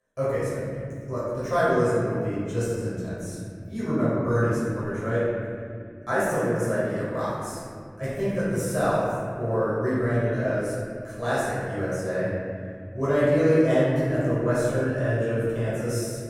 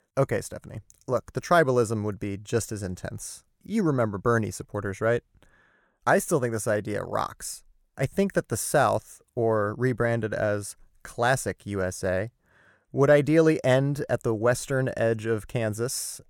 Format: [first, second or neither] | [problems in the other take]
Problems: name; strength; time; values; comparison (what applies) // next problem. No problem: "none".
second | off-mic speech; far // room echo; strong; dies away in 2.8 s